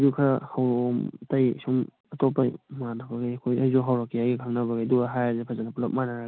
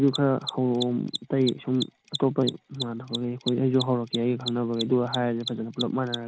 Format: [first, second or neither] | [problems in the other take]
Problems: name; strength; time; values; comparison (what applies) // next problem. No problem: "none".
first | background sound (Mechanisms); 12 dB below the speech